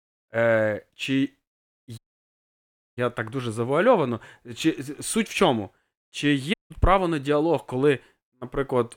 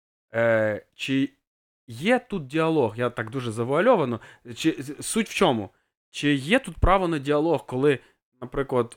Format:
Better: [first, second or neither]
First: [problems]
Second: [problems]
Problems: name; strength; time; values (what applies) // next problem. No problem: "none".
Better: second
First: audio cutting out; at 2 s for 1 s and at 6.5 s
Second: none